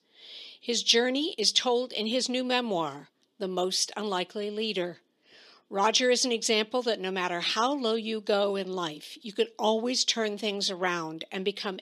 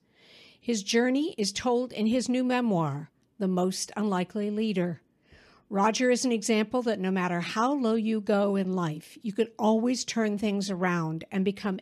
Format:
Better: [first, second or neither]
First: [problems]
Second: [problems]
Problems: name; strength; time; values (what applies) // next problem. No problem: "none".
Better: second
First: thin; very slightly; fading below 350 Hz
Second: none